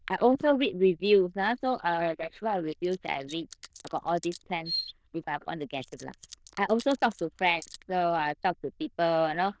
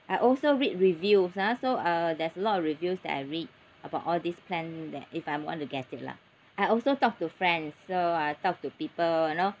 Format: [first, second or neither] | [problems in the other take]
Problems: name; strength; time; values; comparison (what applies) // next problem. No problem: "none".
second | noise reduction (neural diffusion model UNIVERSE++)